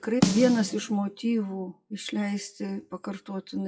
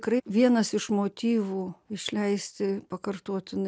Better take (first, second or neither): second